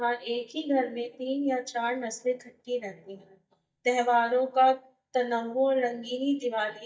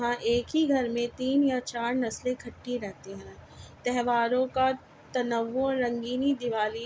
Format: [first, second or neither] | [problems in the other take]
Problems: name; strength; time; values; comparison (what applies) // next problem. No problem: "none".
second | noise reduction (neural mask model DeepFilterNet 3)